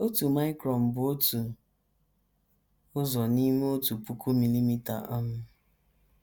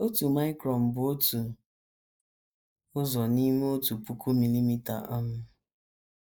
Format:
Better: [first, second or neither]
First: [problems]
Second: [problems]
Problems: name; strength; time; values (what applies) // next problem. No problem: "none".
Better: first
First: none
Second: noise reduction (neural mask model Resemble Enhance denoiser)